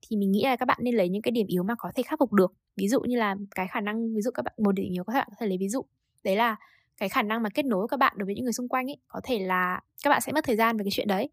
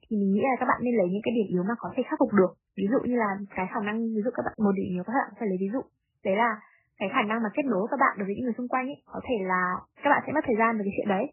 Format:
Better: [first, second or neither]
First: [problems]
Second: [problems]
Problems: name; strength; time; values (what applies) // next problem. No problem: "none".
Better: first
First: none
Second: garbled, watery; badly; nothing above 3 kHz